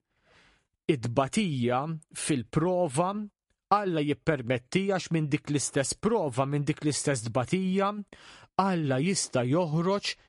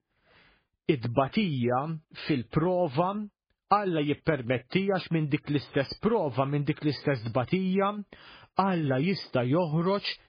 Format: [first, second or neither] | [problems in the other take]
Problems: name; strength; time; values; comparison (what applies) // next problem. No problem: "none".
first | garbled, watery; badly; slightly in the first